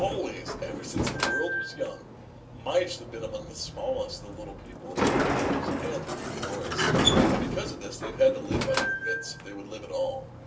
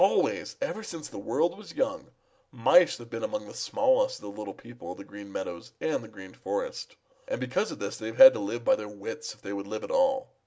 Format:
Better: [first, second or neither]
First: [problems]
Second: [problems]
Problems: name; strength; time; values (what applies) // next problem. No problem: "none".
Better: second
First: background sound (Sliding door); 3 dB above the speech // room echo; dies away in 0.3 s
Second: none